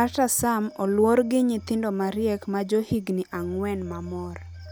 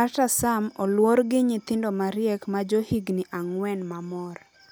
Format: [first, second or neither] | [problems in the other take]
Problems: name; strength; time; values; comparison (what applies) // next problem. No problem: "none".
second | background sound (Telephone); 19 dB below the speech